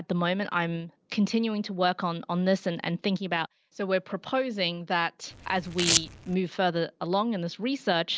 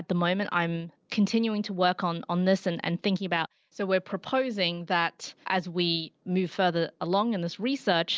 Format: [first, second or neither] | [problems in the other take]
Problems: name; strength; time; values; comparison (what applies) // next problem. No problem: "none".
second | background sound (Domestic sounds, home sounds); 2 dB below the speech